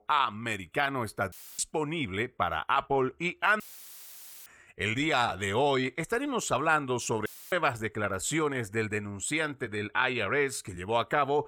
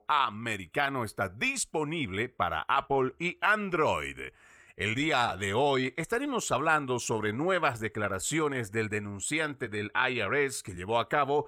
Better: second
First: audio cutting out; filled with static; at 1.5 s, at 3.5 s for 1 s and at 7.5 s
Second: none

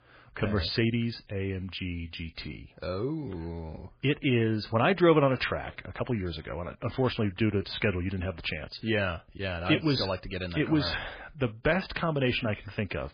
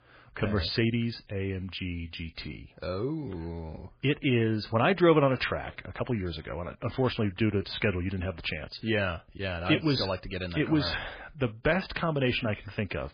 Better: neither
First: garbled, watery; badly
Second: garbled, watery; badly

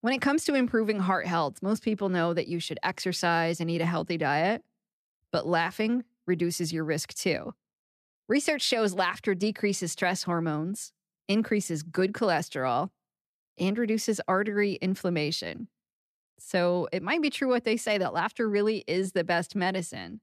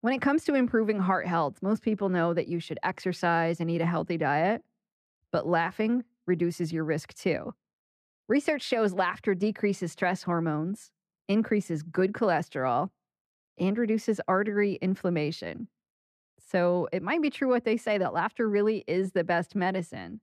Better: first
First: none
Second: muffled; slightly; fading above 3 kHz

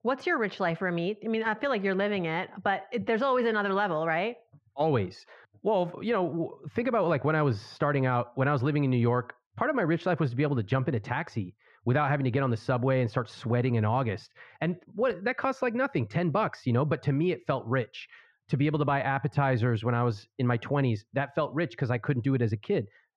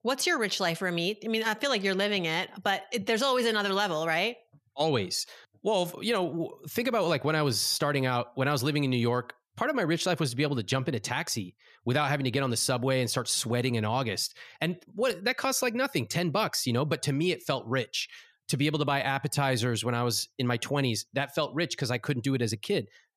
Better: second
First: muffled; very; fading above 1.5 kHz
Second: none

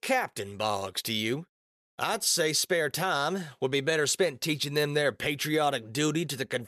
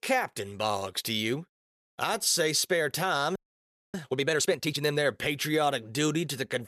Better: first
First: none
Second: audio freezing; at 3.5 s for 0.5 s

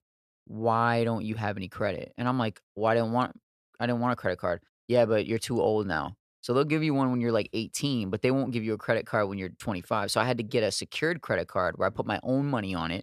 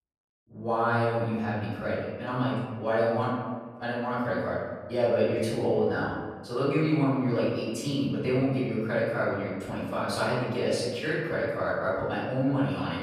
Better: first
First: none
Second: off-mic speech; far // room echo; strong; dies away in 1.4 s

